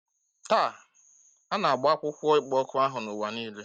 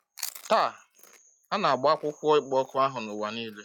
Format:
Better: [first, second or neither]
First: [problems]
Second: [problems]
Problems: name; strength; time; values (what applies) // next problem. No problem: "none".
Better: first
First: none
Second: noise reduction (classical method log-MMSE)